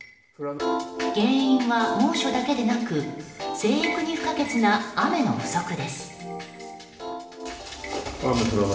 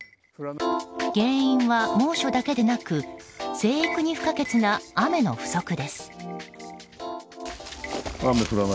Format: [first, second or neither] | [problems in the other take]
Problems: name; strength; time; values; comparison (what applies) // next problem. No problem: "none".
second | room echo; dies away in 1.2 s